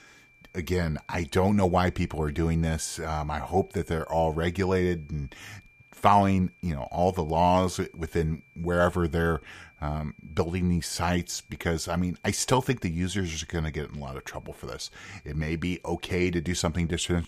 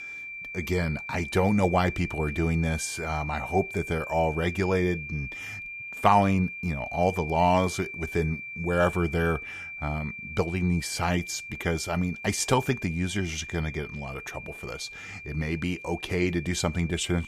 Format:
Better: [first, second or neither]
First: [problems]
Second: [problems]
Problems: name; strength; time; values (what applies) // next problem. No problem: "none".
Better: first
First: high-pitched whine; faint; throughout; 2.5 kHz, 30 dB below the speech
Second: high-pitched whine; loud; throughout; 2.5 kHz, 9 dB below the speech